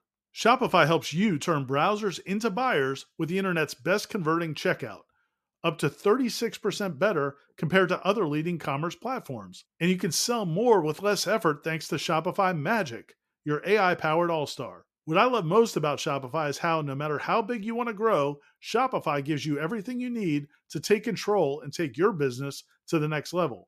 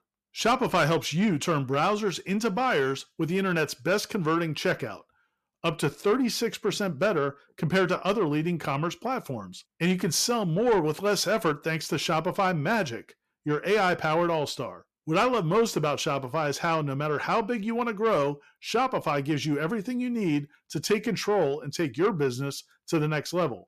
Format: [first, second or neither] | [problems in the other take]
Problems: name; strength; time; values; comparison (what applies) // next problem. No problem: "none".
first | distortion; slight; 10 dB below the speech